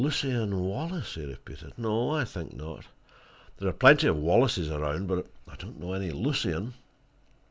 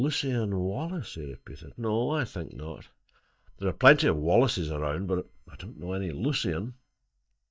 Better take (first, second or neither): first